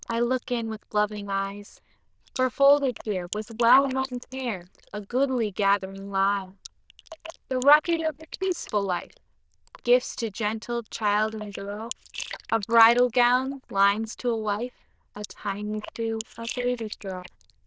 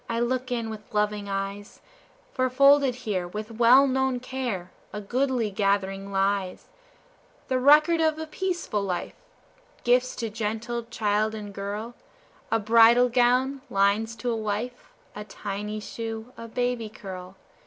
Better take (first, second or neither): second